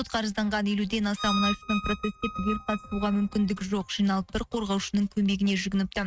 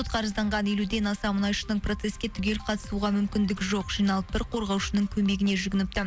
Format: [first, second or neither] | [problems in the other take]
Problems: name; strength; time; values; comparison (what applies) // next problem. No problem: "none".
second | noise reduction (neural mask model RNNoise)